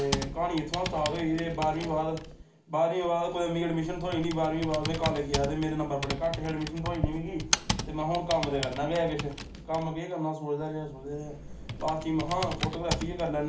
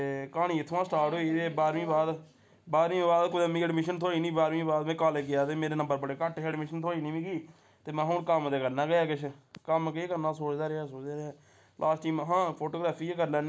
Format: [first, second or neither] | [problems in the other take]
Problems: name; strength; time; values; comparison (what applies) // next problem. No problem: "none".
second | background sound (Computer keyboard); 6 dB below the speech // room echo; dies away in 0.4 s